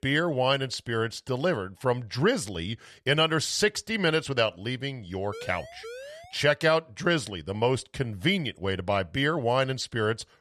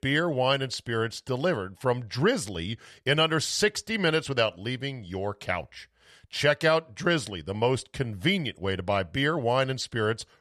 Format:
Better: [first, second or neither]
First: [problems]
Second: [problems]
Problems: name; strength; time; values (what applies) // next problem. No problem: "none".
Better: second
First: siren; faint; from 5.5 to 6.5 s; peak 15 dB below the speech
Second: none